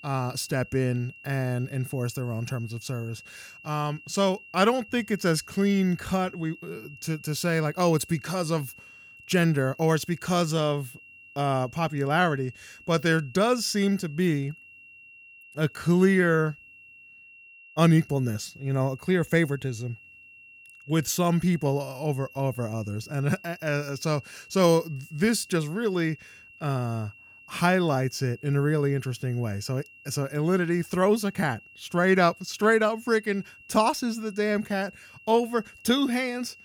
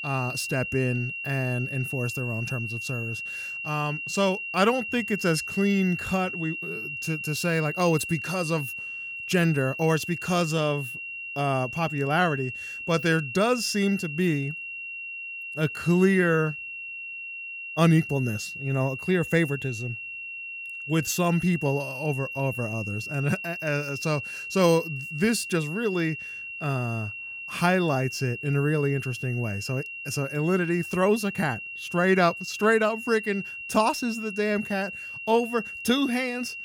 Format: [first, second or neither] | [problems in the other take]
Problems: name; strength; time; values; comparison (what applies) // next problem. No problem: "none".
first | high-pitched whine; loud; throughout; 2.5 kHz, 7 dB below the speech; faint in the first